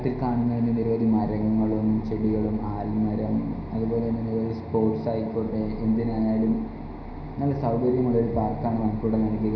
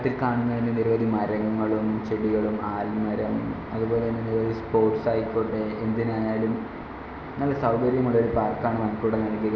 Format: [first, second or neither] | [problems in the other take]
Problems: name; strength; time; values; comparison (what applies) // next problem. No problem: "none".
second | background sound (Growling); 16 dB below the speech // room echo; dies away in 0.4 s